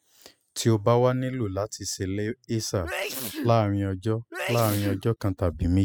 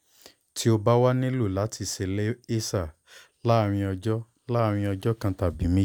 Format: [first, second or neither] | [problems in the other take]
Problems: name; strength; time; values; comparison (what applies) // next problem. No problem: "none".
second | noise reduction (classical method spectral subtraction)